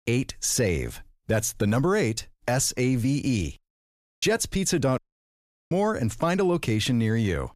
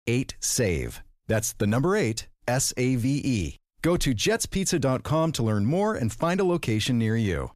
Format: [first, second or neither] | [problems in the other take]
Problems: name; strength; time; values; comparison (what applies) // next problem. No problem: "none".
second | audio cutting out; at 3.5 s for 0.5 s and at 5 s for 0.5 s